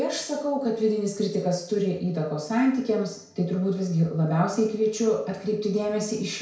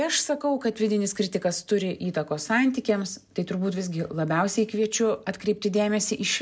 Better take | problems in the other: second | room echo; dies away in 0.6 s

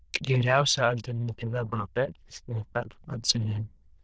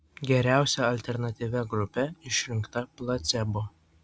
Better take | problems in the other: second | noise reduction (neural diffusion model UNIVERSE++)

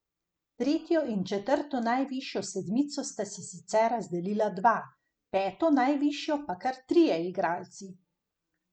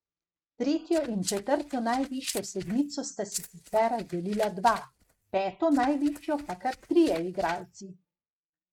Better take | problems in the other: first | noise reduction (neural mask model RNNoise)

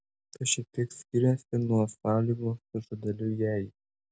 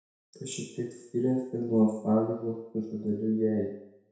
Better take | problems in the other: first | room echo; dies away in 0.7 s

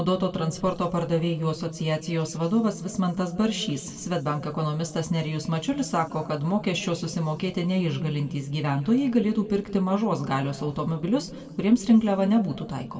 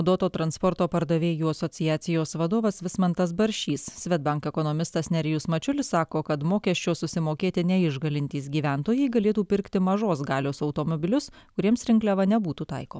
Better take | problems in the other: second | room echo; dies away in 1.5 s

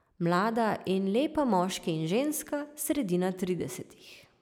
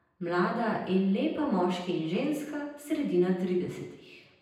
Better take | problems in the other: first | room echo; dies away in 0.9 s

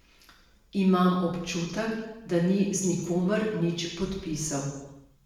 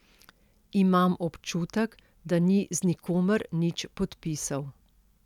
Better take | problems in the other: second | room echo; dies away in 0.9 s

